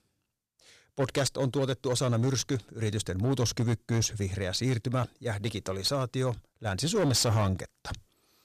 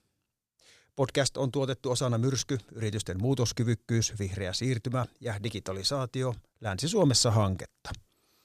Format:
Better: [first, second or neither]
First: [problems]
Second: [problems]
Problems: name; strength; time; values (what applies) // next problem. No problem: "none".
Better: second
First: distortion; slight; 7% of the sound clipped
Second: none